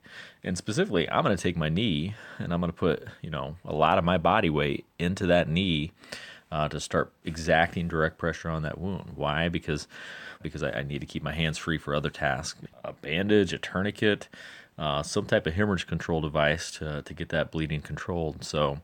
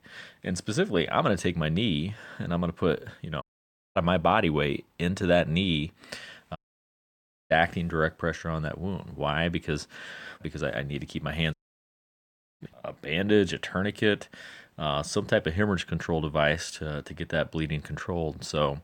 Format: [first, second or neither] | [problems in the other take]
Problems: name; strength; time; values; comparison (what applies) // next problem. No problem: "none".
first | audio cutting out; at 3.5 s for 0.5 s, at 6.5 s for 1 s and at 12 s for 1 s